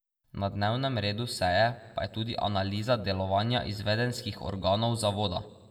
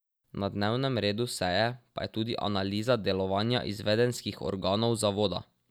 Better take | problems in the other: second | room echo; dies away in 0.5 s

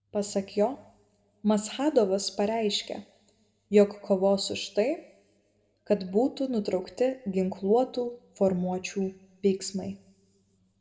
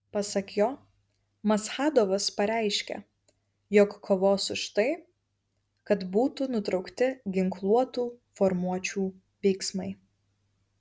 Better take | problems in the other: second | room echo; dies away in 0.6 s

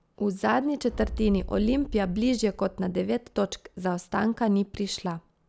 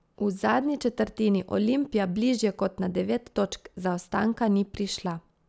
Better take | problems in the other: second | background sound (Boom); 11 dB below the speech

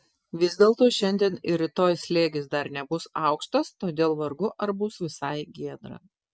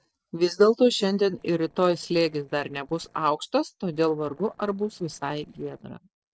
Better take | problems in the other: first | noise reduction (neural separator model SepFormer DNS4)

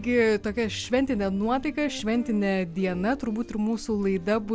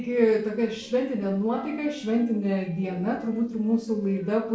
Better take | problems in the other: first | noise reduction (neural separator model SepFormer DNS4)

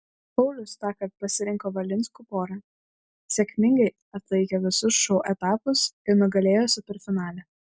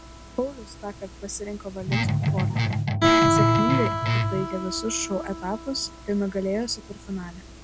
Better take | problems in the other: first | background sound (Guitar + Guitar); 5 dB above the speech

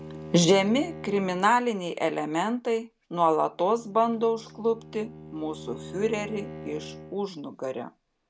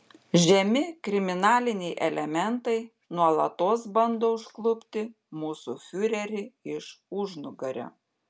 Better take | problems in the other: second | background sound (Bowed string instrument); 16 dB below the speech

